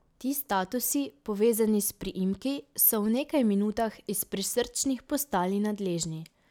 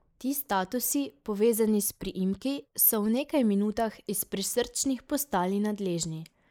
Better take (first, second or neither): first